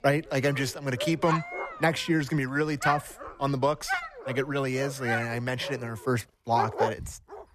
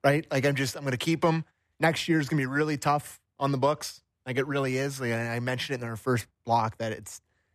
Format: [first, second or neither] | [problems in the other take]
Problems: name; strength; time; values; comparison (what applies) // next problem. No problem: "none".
second | animal sounds; loud; throughout; 6 dB below the speech